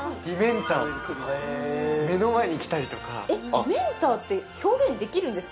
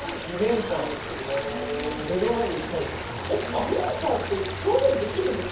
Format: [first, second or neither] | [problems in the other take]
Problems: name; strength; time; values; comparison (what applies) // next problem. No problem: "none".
first | background sound (Stream); 8 dB below the speech // room echo; dies away in 0.7 s